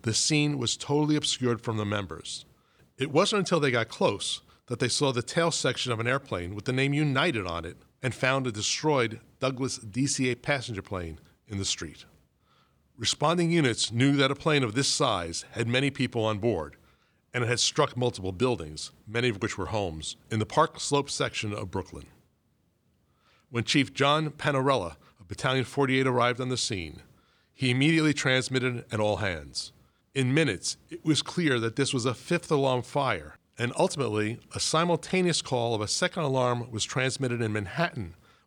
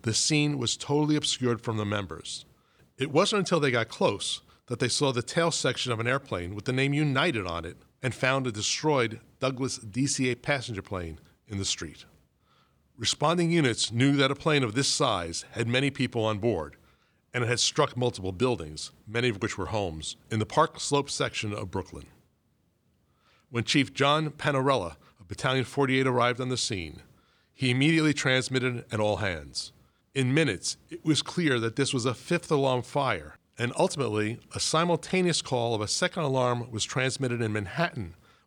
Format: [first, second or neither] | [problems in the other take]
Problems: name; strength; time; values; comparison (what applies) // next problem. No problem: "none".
neither | none